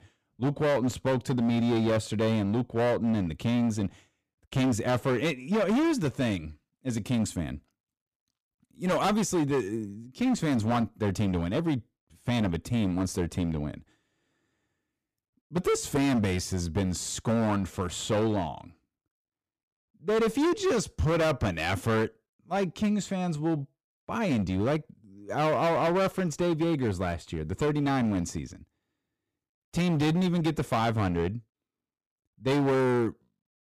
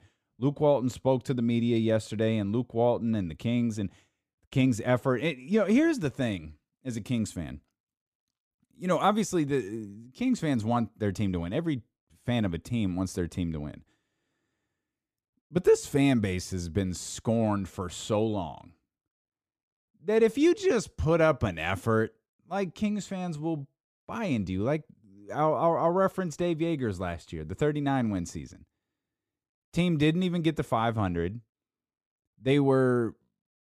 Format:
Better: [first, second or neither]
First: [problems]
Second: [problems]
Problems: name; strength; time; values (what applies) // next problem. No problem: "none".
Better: second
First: distortion; heavy; 14% of the sound clipped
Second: none